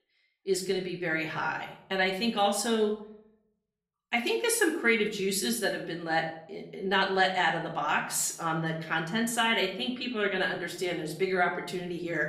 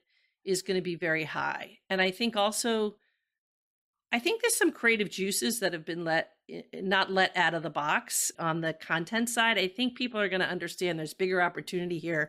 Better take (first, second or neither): second